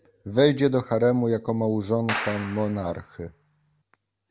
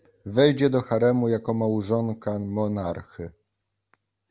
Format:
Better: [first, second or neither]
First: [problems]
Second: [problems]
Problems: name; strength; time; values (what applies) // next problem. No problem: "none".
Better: second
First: background sound (Clapping); 10 dB below the speech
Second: none